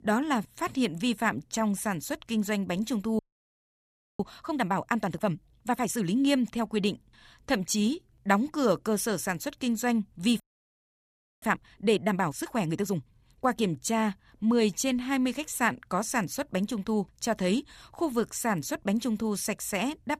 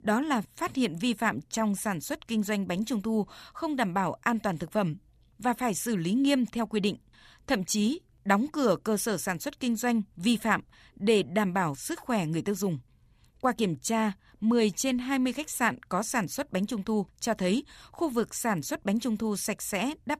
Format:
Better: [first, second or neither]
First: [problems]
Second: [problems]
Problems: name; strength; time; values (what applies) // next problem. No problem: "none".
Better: second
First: audio freezing; at 3 s for 1 s and at 10 s for 1 s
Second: none